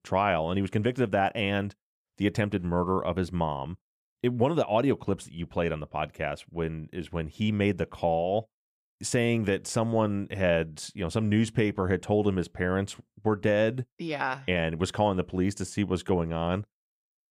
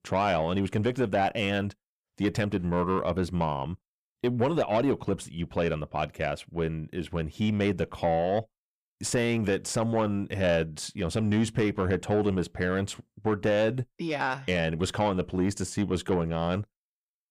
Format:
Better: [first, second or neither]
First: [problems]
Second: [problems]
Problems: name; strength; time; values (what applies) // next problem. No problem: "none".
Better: first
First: none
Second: distortion; slight; 10 dB below the speech